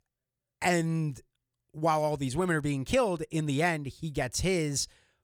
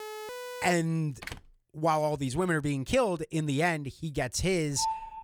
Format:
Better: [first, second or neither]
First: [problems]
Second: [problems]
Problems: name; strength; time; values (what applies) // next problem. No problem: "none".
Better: first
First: none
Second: siren; noticeable; at the start; peak 10 dB below the speech // door banging; faint; at 1 s; peak 15 dB below the speech // phone ringing; noticeable; at 4.5 s; peak 5 dB below the speech